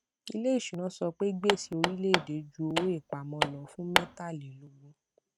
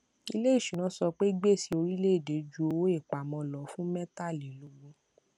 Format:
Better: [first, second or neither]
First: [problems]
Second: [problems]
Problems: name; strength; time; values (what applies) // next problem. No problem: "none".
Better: second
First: noise reduction (neural mask model RNNoise)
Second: none